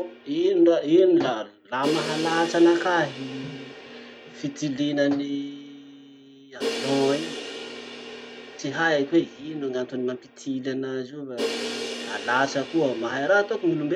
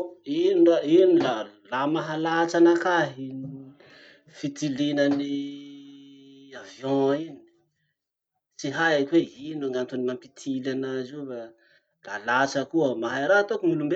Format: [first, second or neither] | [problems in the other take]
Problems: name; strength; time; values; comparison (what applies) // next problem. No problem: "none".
second | background sound (Crash cymbal); 11 dB below the speech